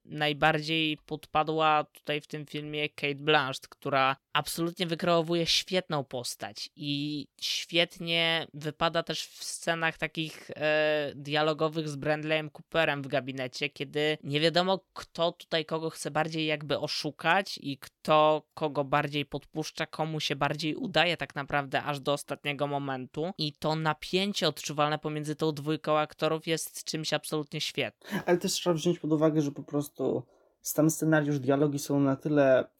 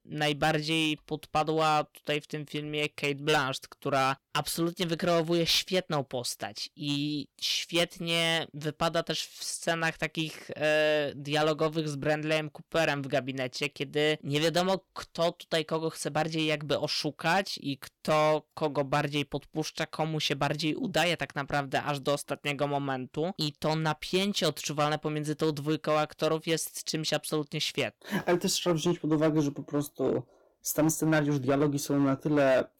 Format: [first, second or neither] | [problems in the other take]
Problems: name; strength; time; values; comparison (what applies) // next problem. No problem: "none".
first | distortion; slight; 5% of the sound clipped